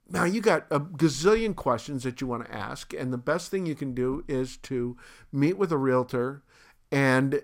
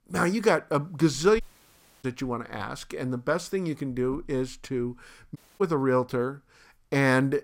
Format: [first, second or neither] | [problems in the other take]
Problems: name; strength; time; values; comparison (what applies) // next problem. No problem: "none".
first | audio cutting out; at 1.5 s for 0.5 s and at 5.5 s